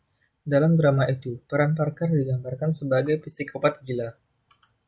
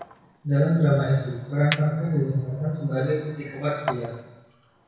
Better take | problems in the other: first | background sound (Chink, clink); 14 dB below the speech // room echo; dies away in 1 s

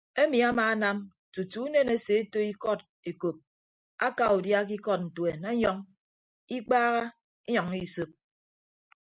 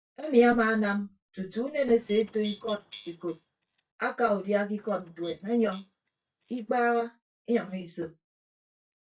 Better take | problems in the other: first | noise reduction (neural mask model DeepFilterNet 3)

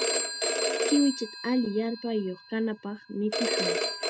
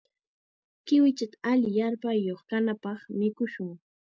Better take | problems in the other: second | background sound (Telephone); 1 dB below the speech

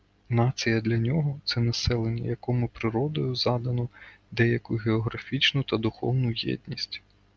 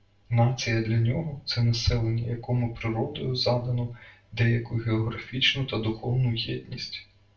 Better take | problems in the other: first | room echo; dies away in 0.3 s

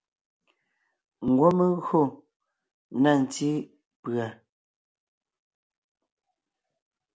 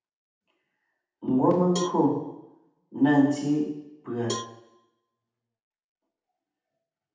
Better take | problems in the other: first | background sound (Cowbell); 14 dB below the speech // room echo; dies away in 0.8 s

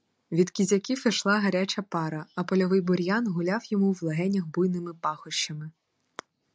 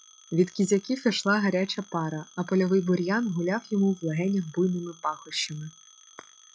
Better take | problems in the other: first | noise reduction (classical method log-MMSE)

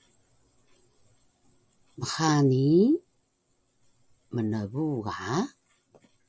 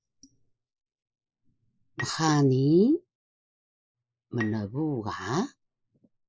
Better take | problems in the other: first | noise reduction (neural mask model Resemble Enhance denoiser)

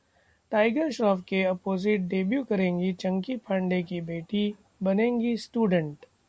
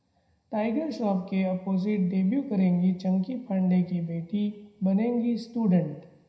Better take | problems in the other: first | room echo; dies away in 0.8 s

